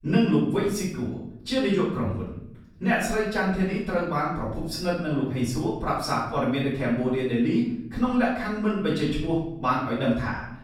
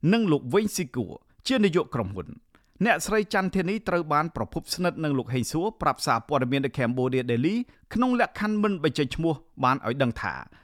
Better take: second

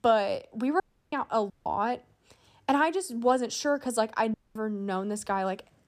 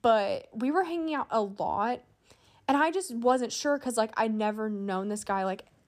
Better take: second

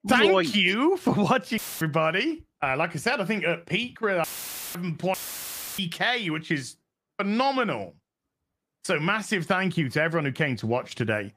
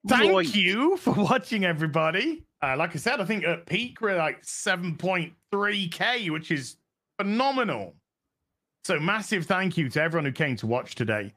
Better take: second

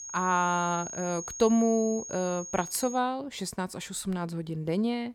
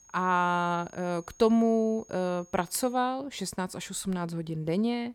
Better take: second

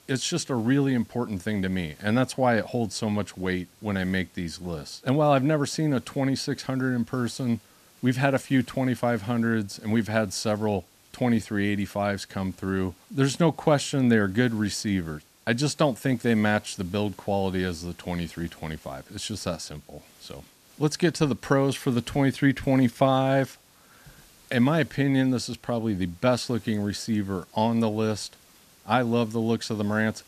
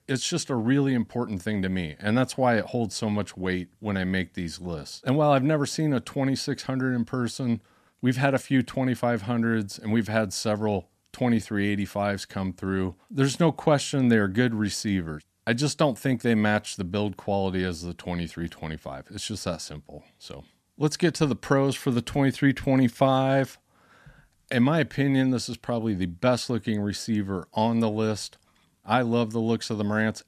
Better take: second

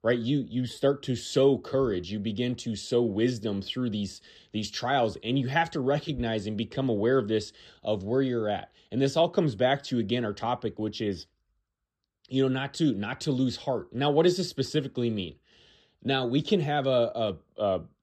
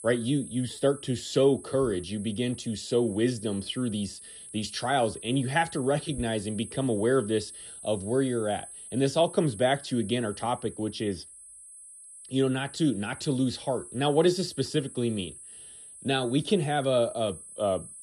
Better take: first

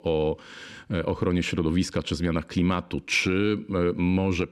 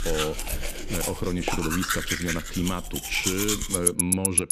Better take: first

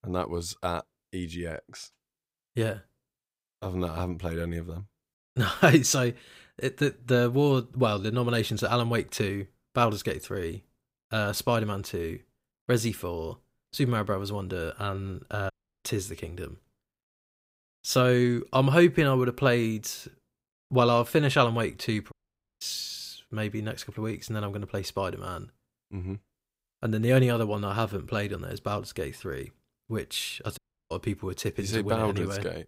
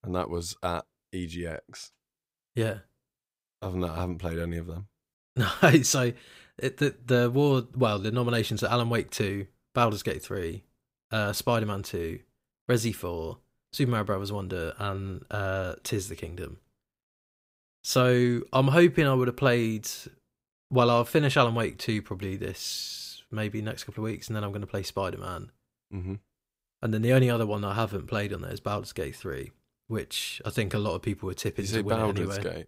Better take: second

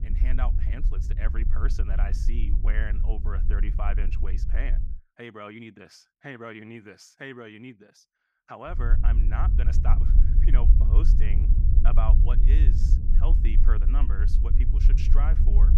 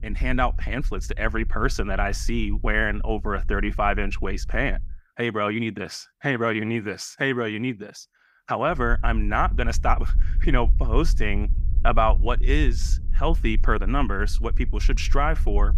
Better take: second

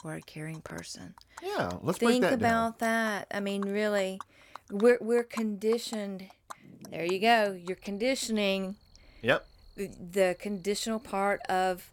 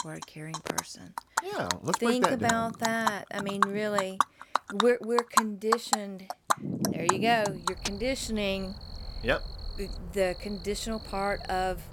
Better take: first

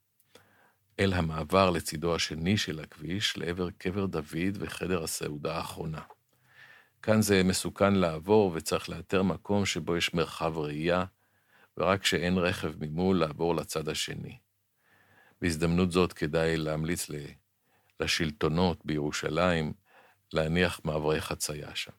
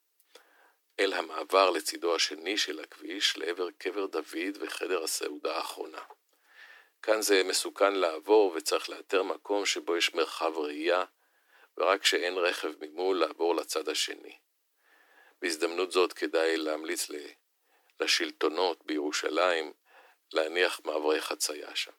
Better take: first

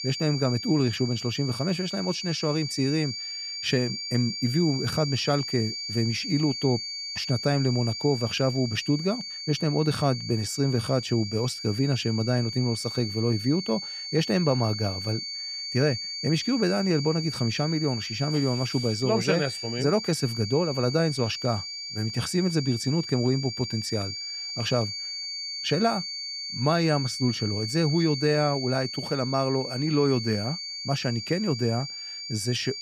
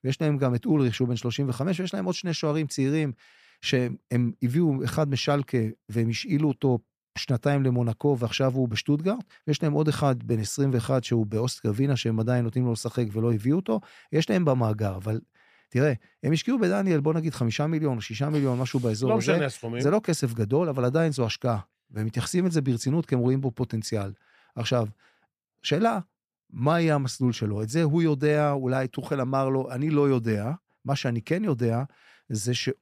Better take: second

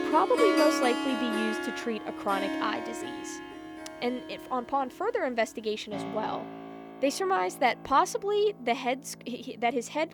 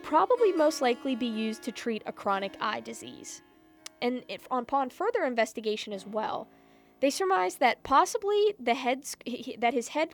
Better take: second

